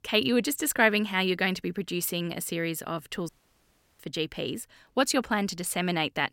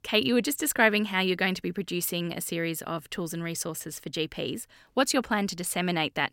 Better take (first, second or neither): second